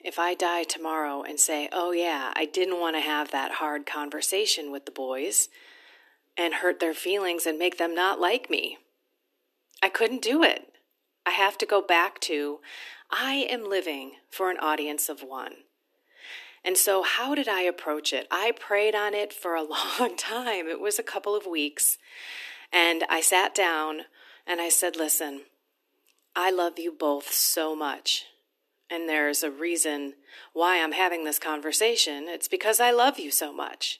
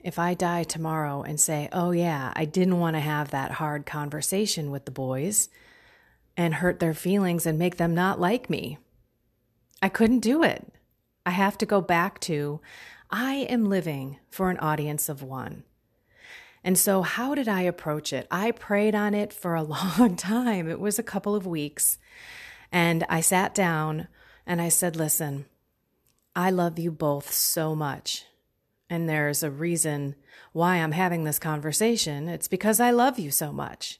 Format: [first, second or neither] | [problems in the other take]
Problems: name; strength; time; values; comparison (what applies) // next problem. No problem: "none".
second | thin; somewhat; fading below 300 Hz